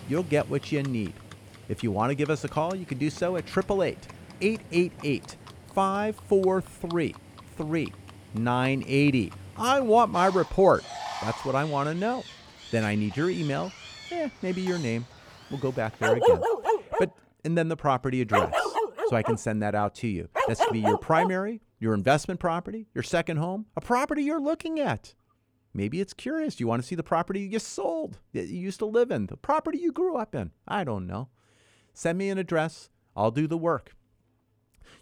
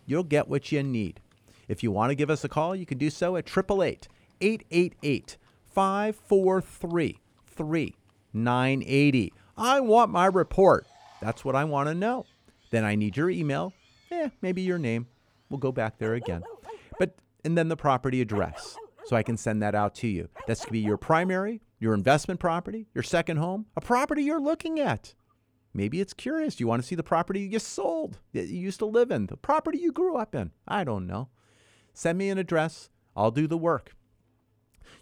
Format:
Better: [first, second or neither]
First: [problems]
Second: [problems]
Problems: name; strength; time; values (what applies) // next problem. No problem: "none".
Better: second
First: animal sounds; loud; until 22 s; 2 dB below the speech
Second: animal sounds; faint; until 22 s; 20 dB below the speech